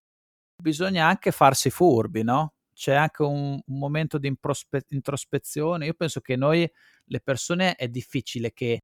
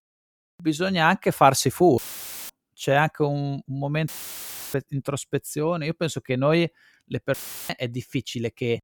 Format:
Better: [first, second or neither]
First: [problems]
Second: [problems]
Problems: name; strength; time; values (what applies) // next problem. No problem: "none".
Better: first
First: none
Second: audio cutting out; filled with static; at 2 s for 0.5 s, at 4 s for 0.5 s and at 7.5 s